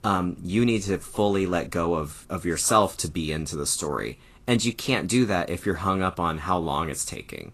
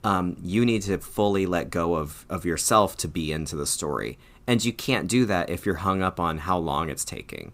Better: second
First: garbled, watery; slightly; nothing above 11.5 kHz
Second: none

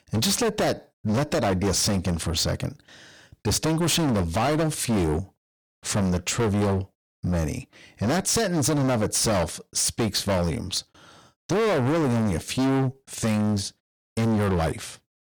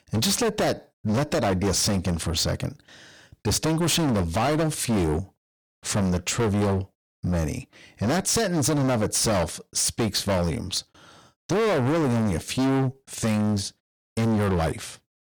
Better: neither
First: distortion; heavy; 23% of the sound clipped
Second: distortion; heavy; 23% of the sound clipped

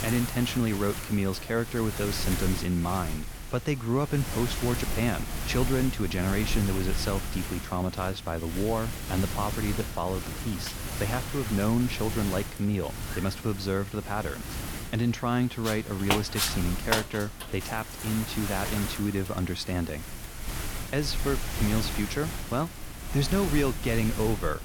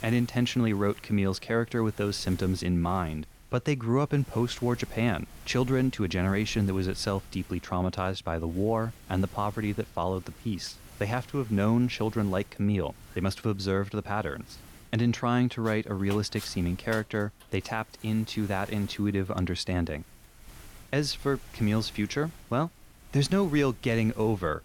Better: second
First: wind noise on the microphone; heavy; 4 dB below the speech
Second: wind noise on the microphone; occasional gusts; 20 dB below the speech

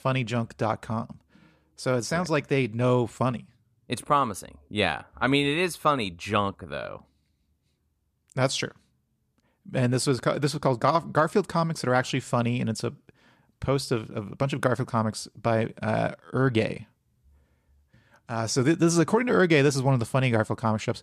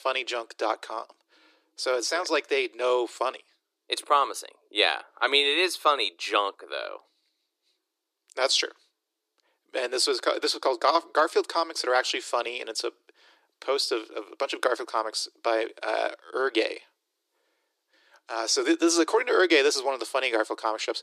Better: first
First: none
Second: thin; very; fading below 300 Hz

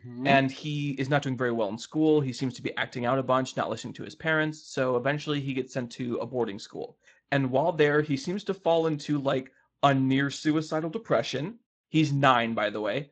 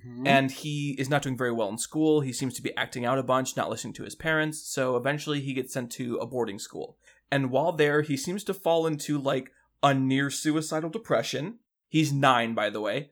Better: second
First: garbled, watery; slightly; nothing above 7.5 kHz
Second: none

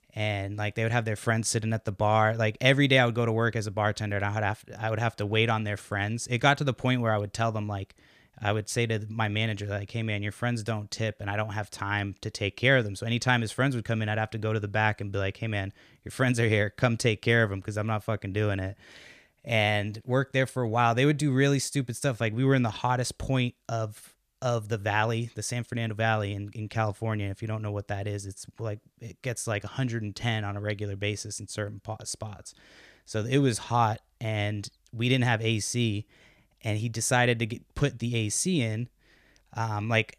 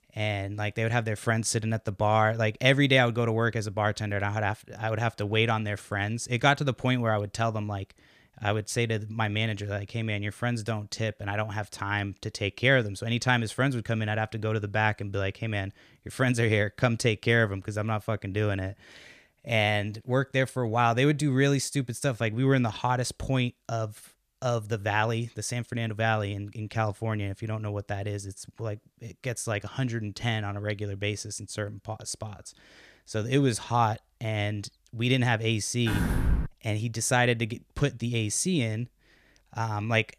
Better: first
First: none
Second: door banging; loud; at 36 s; peak 1 dB above the speech

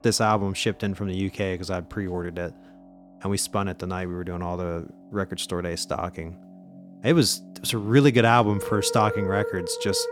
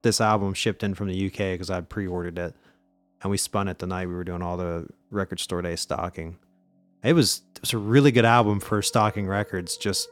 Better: second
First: background music; loud; throughout; 10 dB below the speech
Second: background music; faint; throughout; 25 dB below the speech

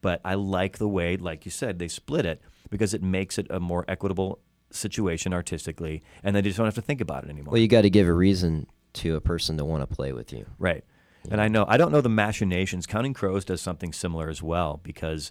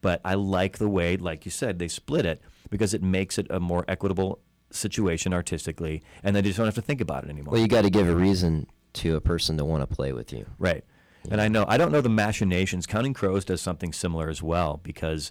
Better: first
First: none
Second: distortion; slight; 3% of the sound clipped

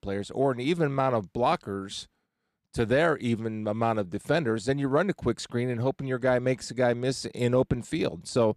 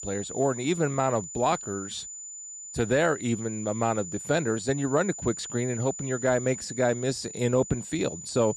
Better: first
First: none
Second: high-pitched whine; loud; throughout; 7 kHz, 10 dB below the speech

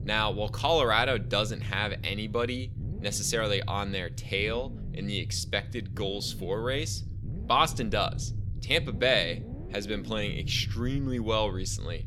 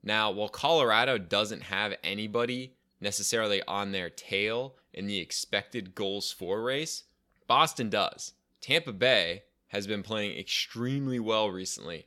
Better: second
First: low rumble; faint; throughout; 20 dB below the speech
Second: none

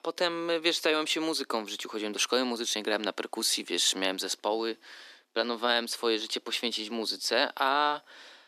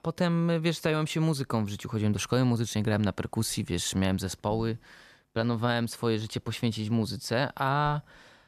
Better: second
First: thin; somewhat; fading below 300 Hz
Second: none

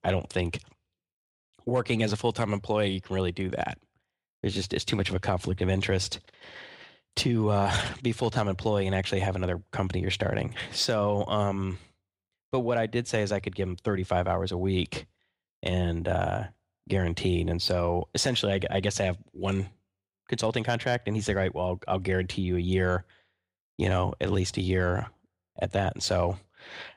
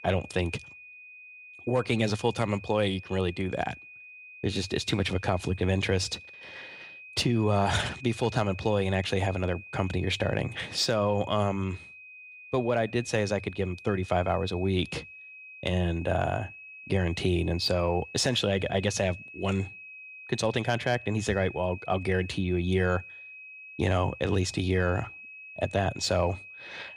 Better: first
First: none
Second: high-pitched whine; noticeable; throughout; 2.5 kHz, 15 dB below the speech

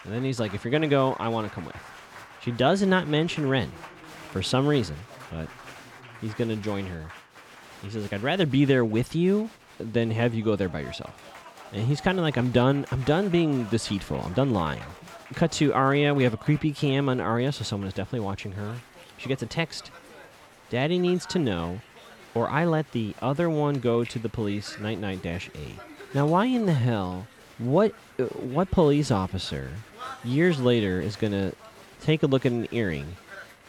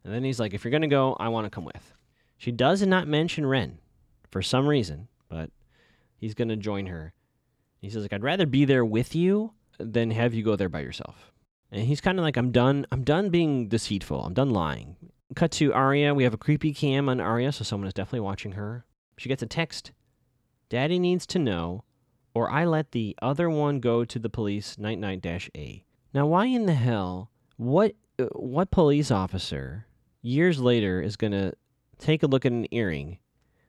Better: second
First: crowd noise; noticeable; throughout; 20 dB below the speech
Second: none

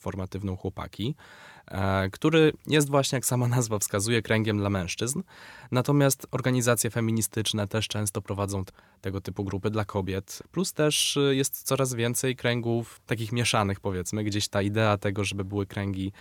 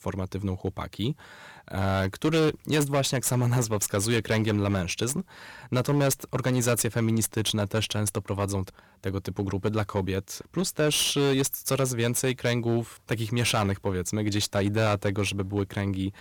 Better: first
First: none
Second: distortion; slight; 10% of the sound clipped

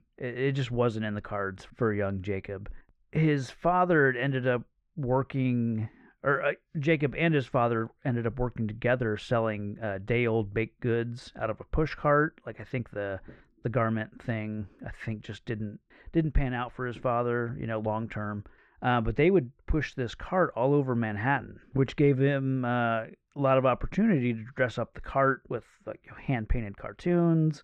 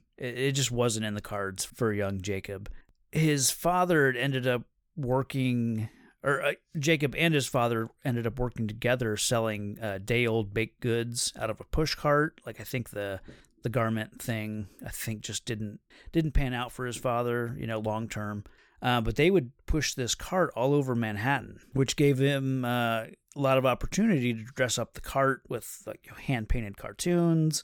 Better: second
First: muffled; very; fading above 1.5 kHz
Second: none

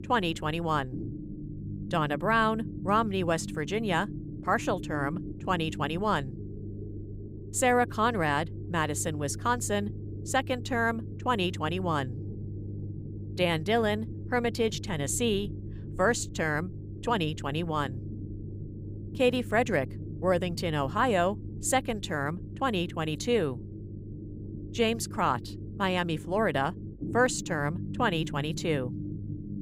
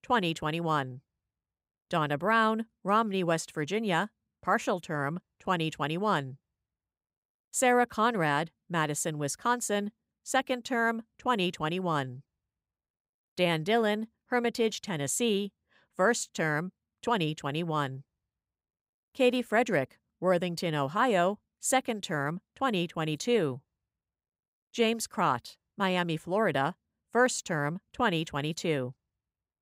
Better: second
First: low rumble; noticeable; throughout; 20 dB below the speech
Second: none

